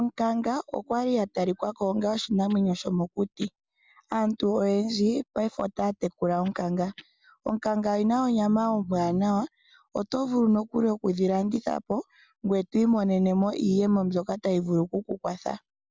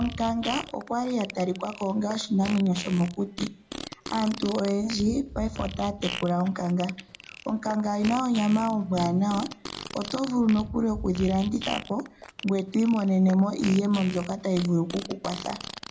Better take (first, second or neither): first